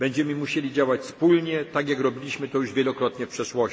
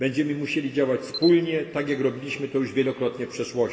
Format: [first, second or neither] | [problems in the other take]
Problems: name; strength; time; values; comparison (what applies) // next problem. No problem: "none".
first | background sound (Camera); 15 dB below the speech // room echo; dies away in 2.1 s